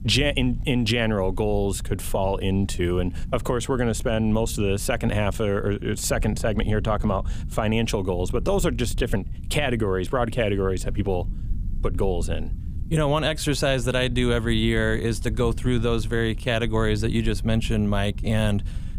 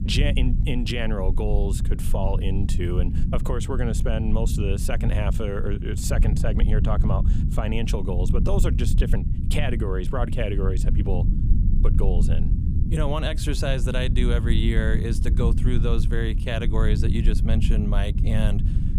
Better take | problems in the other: first | low rumble; loud; throughout; 7 dB below the speech; faint in the first

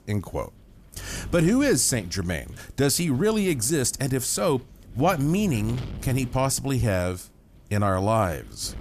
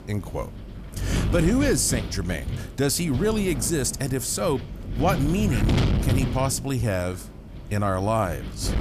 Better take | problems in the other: first | wind noise on the microphone; heavy; 9 dB below the speech; occasional gusts in the first

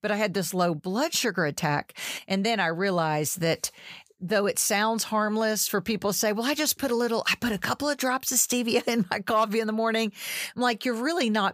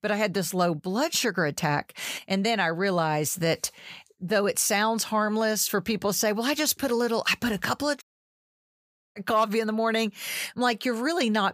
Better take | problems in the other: first | audio cutting out; at 8 s for 1 s

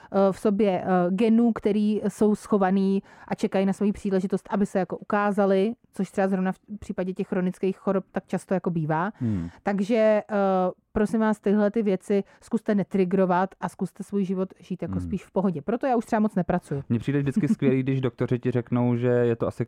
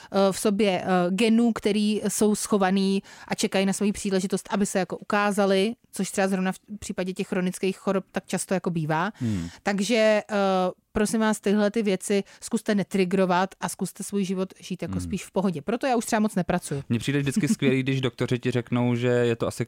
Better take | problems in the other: second | muffled; very; fading above 2 kHz

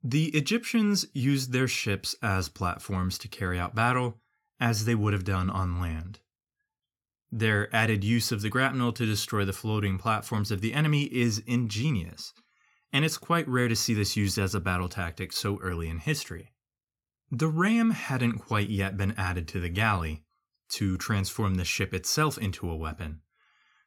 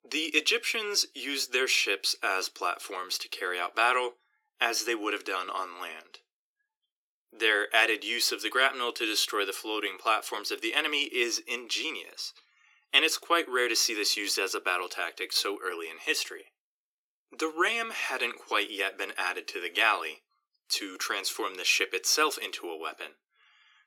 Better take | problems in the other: first | thin; very; fading below 350 Hz

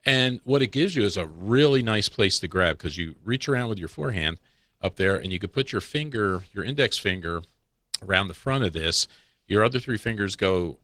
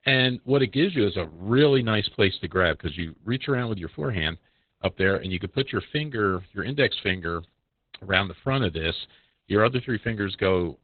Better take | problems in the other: first | garbled, watery; badly; nothing above 4 kHz; slightly in the first

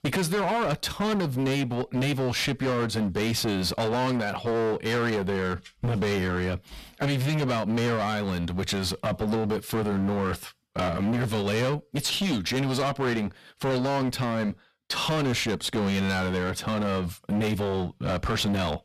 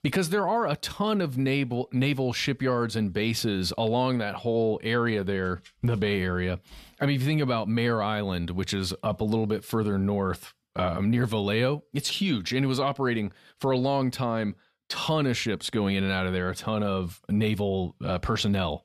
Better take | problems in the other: second | distortion; heavy; 26% of the sound clipped

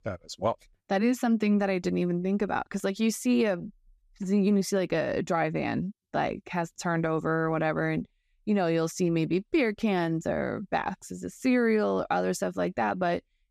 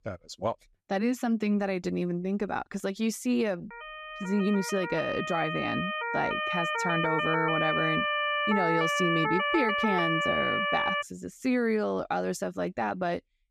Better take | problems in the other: first | siren; loud; from 3.5 to 11 s; peak 4 dB above the speech

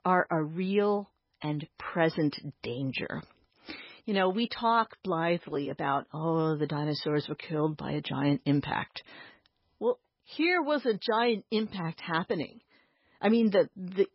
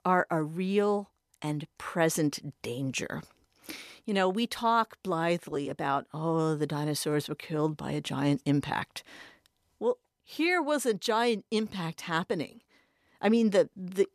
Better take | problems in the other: second | garbled, watery; badly; nothing above 5.5 kHz

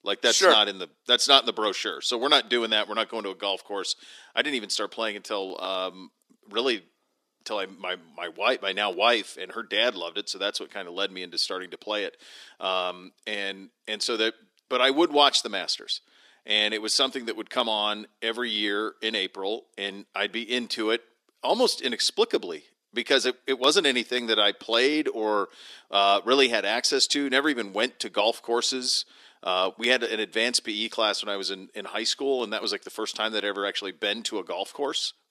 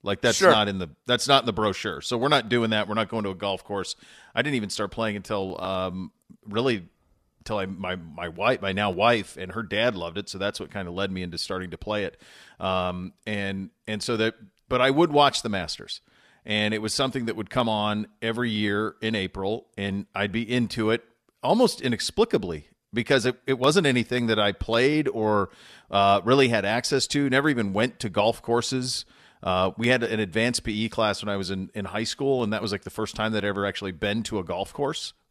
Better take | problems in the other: second | thin; very slightly; fading below 300 Hz

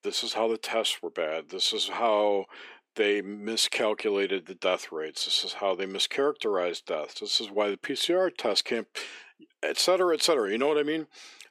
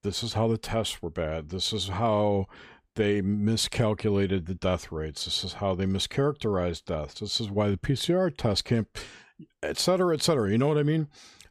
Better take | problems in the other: second | thin; somewhat; fading below 300 Hz

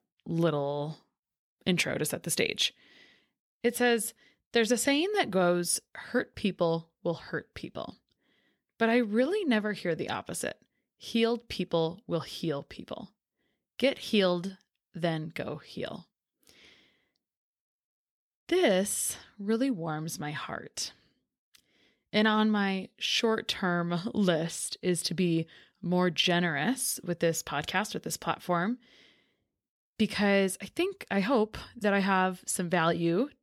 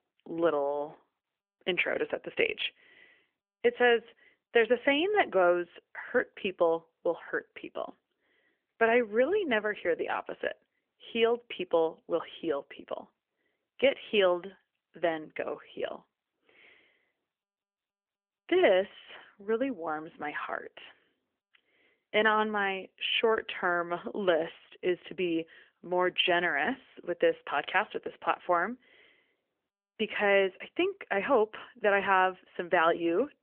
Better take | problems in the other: first | phone-call audio; nothing above 3.5 kHz

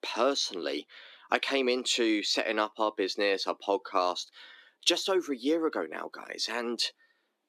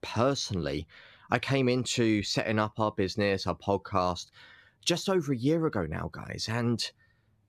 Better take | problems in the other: second | thin; somewhat; fading below 300 Hz

